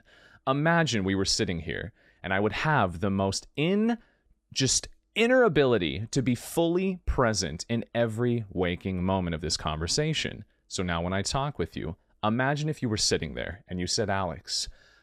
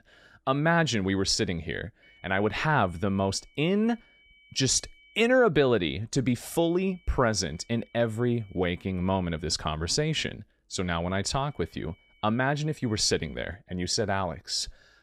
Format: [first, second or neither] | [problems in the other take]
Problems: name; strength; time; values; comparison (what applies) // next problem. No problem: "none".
first | high-pitched whine; faint; from 2 to 5 s, from 6.5 to 9.5 s and from 11 to 13 s; 2.5 kHz, 30 dB below the speech